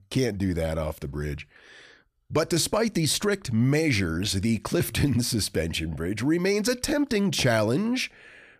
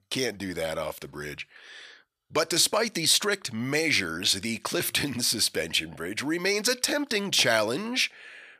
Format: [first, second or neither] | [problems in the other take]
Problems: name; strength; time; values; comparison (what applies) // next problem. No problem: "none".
first | thin; somewhat; fading below 800 Hz